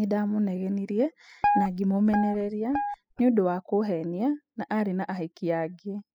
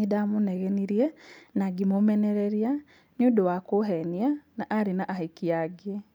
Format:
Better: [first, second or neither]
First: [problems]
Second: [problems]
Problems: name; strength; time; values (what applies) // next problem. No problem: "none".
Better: second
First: noise reduction (classical method spectral subtraction)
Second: none